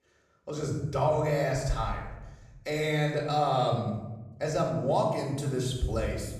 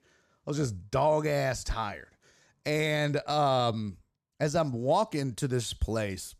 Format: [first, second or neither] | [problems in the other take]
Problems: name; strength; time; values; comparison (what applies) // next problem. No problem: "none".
second | off-mic speech; far // room echo; noticeable; dies away in 1 s